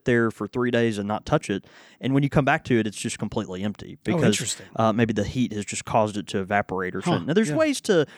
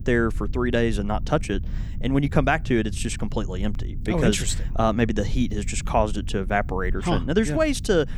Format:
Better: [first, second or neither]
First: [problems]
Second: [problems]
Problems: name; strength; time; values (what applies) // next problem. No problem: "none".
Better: first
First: none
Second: low rumble; faint; throughout; 20 dB below the speech